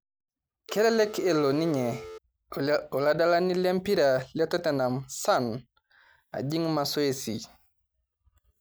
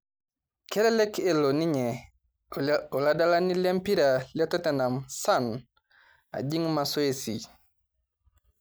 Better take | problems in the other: second | background sound (Telephone); 13 dB below the speech

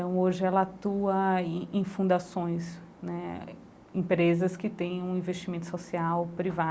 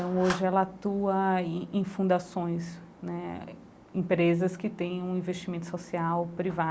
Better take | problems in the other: first | background sound (Clapping); 19 dB below the speech

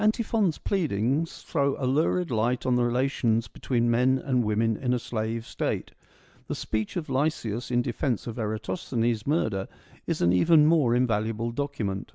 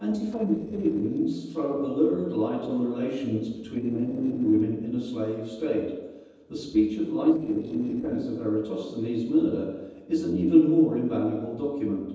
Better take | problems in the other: first | noise reduction (neural separator model SepFormer DNS4)

